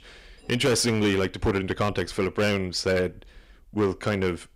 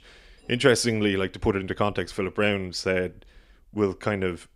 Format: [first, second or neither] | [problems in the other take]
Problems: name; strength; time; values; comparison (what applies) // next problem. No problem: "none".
second | distortion; heavy; 9% of the sound clipped